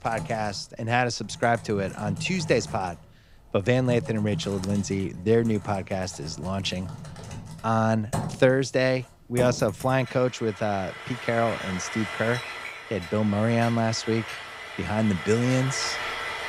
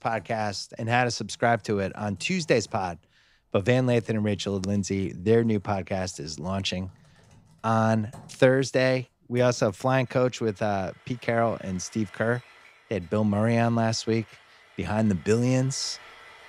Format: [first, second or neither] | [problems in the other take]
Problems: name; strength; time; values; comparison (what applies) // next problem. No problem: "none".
second | household noises; loud; throughout; 10 dB below the speech; faint in the second